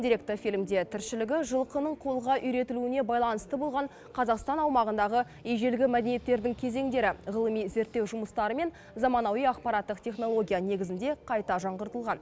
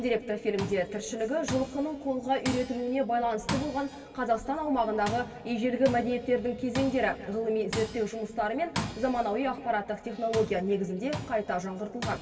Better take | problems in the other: first | background sound (Tools); 11 dB below the speech // room echo; dies away in 2.6 s

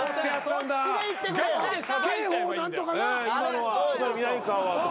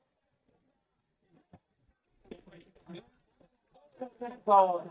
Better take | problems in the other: first | noise reduction (neural mask model DeepFilterNet 3)

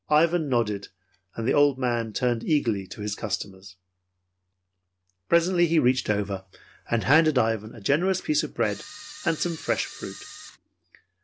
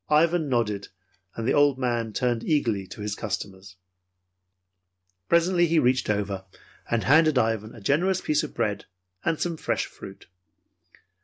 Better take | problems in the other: second | background sound (Camera); 15 dB below the speech

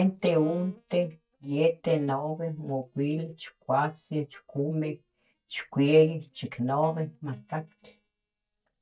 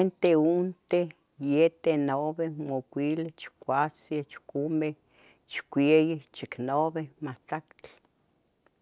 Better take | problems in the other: second | noise reduction (neural mask model DeepFilterNet 3)

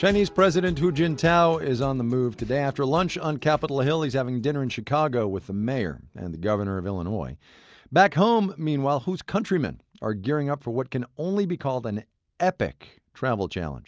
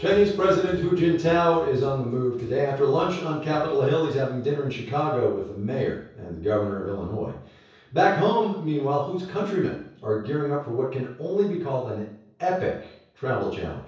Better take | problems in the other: first | room echo; dies away in 0.6 s

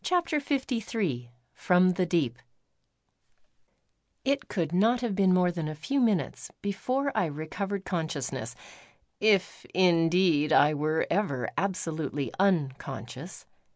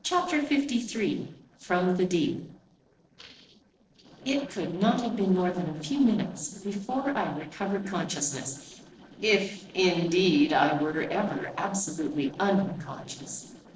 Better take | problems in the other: first | noise reduction (neural separator model SepFormer DNS4)

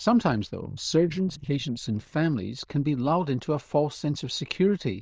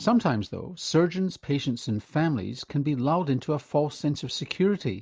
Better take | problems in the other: second | noise reduction (neural diffusion model UNIVERSE++)

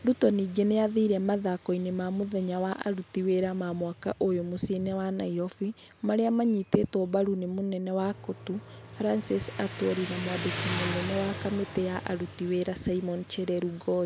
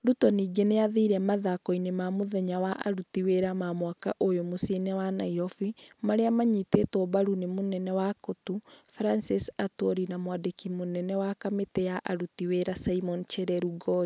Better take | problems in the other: second | background sound (Motorcycle); 13 dB below the speech

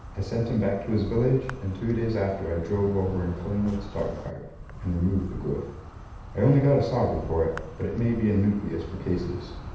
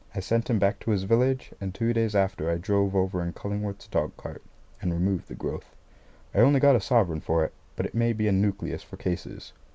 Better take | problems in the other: second | background sound (Insect); 12 dB below the speech // room echo; dies away in 0.8 s

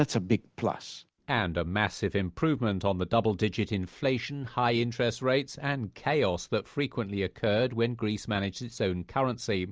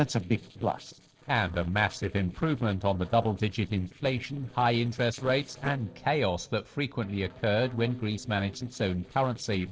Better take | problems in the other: first | noise reduction (neural separator model SepFormer DNS4)

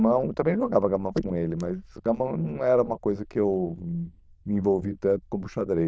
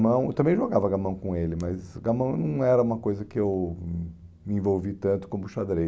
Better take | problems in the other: second | noise reduction (neural diffusion model UNIVERSE++)

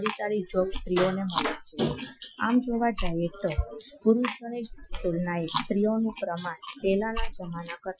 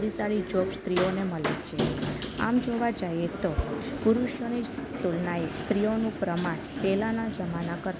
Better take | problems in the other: second | noise reduction (classical method Wiener filter)

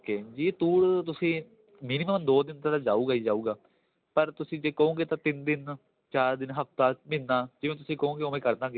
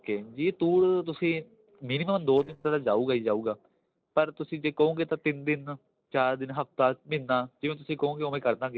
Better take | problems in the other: first | noise reduction (neural separator model SepFormer DNS4)

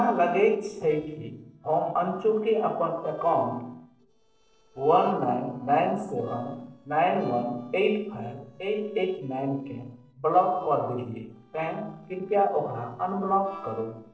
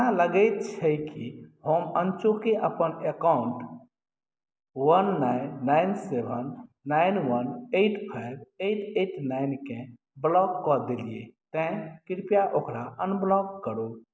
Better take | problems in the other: second | noise reduction (neural separator model SepFormer DNS4)

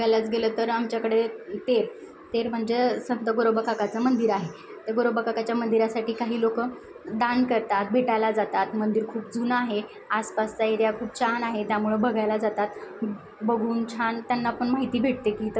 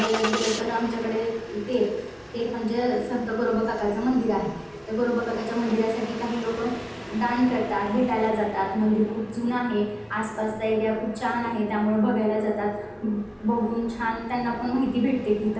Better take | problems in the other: first | background sound (Engine starting); 14 dB below the speech // room echo; dies away in 0.8 s

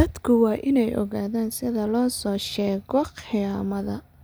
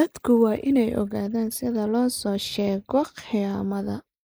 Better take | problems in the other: first | noise reduction (neural mask model Resemble Enhance denoiser)

